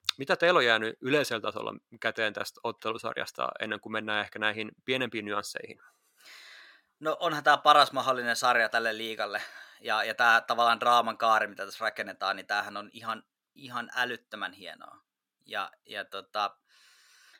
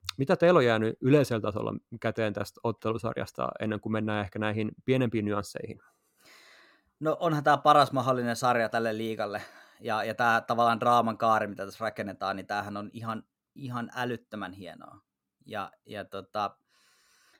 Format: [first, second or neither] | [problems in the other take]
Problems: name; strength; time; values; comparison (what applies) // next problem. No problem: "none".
second | thin; somewhat; fading below 850 Hz